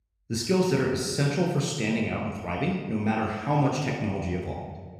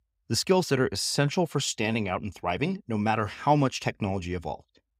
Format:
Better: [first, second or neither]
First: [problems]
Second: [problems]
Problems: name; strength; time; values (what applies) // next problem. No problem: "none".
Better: second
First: off-mic speech; somewhat distant // room echo; noticeable; dies away in 1.2 s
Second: none